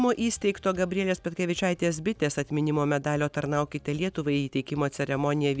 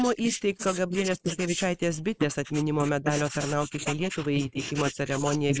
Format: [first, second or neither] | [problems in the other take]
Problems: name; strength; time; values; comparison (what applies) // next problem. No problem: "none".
first | noise reduction (neural mask model Resemble Enhance denoiser)